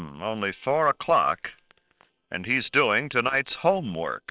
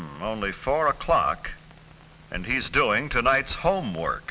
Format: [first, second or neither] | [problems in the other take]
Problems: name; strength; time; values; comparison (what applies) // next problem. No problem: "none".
second | noise reduction (neural separator model SepFormer WHAM!)